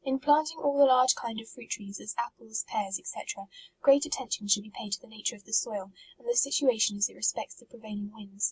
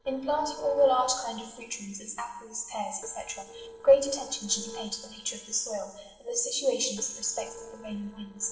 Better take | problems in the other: first | noise reduction (neural separator model SepFormer DNS4)

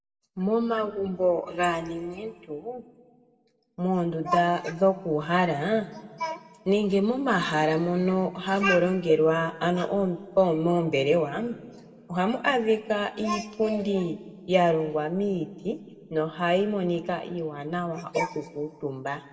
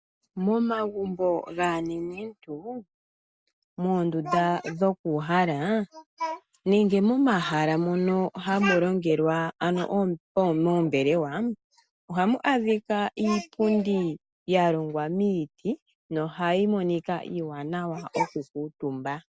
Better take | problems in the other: second | room echo; dies away in 1.2 s

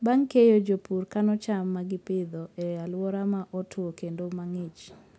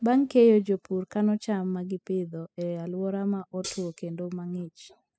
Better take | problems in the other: first | noise reduction (classical method spectral subtraction)

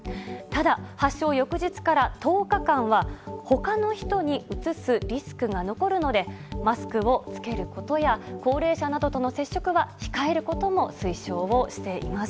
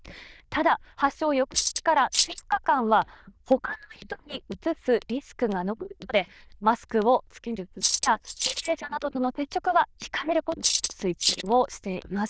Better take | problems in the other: first | noise reduction (neural diffusion model UNIVERSE++)

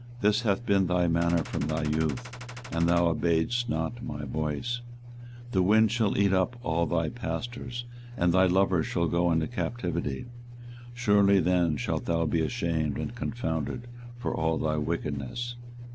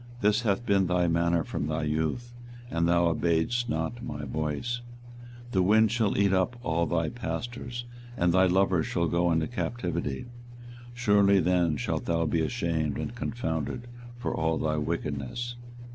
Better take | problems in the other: second | background sound (Gunshot, gunfire); 16 dB below the speech

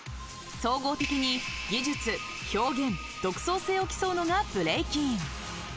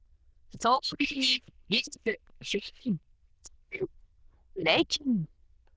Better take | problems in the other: first | noise reduction (neural diffusion model UNIVERSE++)

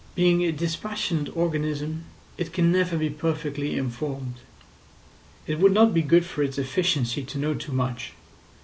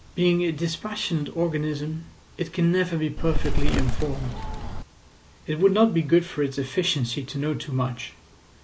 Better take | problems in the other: first | background sound (Bird); 4 dB above the speech

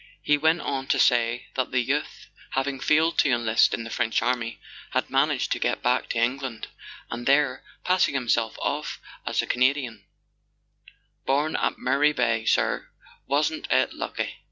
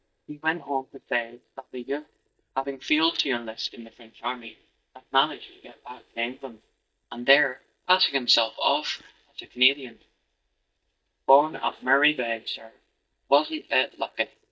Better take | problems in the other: first | noise reduction (neural mask model DeepFilterNet 3)

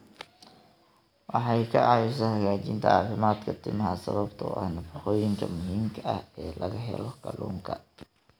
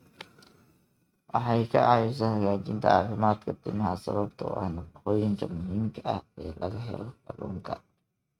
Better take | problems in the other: first | noise reduction (neural mask model RNNoise)

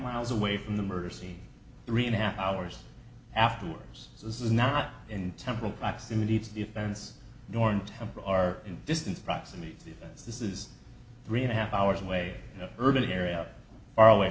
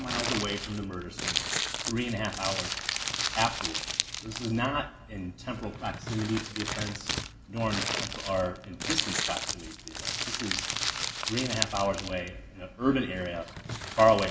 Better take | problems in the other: first | background sound (Crumpling, crinkling); 3 dB below the speech // room echo; dies away in 0.4 s

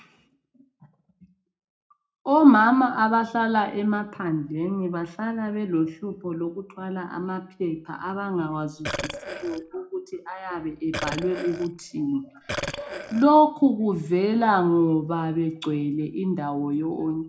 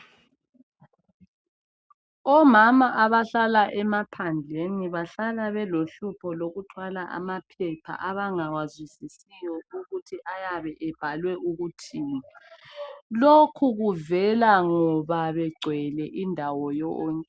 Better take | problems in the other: second | background sound (Burping, eructation); 9 dB below the speech // room echo; dies away in 0.3 s

